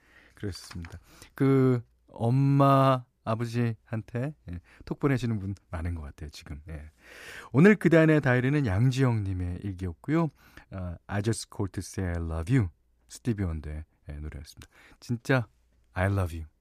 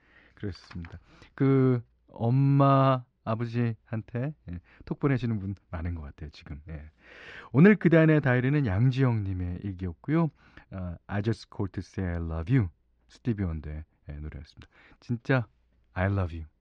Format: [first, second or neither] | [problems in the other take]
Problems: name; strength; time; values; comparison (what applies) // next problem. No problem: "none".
first | muffled; very slightly; fading above 4 kHz